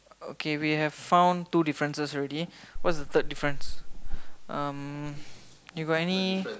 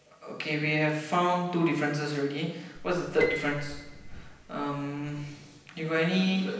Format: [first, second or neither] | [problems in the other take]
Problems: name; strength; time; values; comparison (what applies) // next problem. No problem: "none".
first | background sound (Piano); 12 dB below the speech // room echo; dies away in 0.9 s